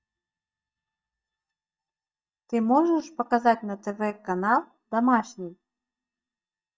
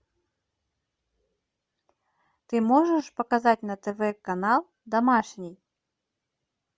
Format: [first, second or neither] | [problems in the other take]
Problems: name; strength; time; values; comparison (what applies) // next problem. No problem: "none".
second | noise reduction (neural mask model DeepFilterNet 3)